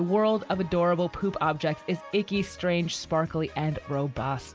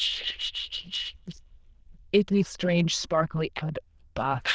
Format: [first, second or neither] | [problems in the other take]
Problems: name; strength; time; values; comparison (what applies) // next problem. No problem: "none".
first | noise reduction (neural diffusion model UNIVERSE++)